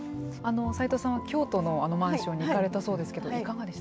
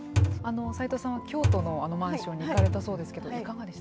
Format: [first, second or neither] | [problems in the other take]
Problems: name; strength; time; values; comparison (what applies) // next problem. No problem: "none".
first | background sound (Thump, thud); 2 dB above the speech